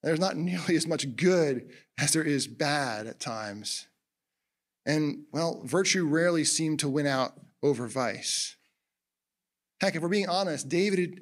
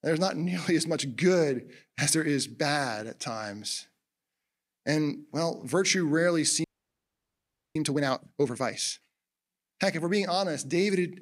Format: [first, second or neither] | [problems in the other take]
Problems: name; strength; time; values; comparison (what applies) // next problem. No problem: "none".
first | audio freezing; at 6.5 s for 1 s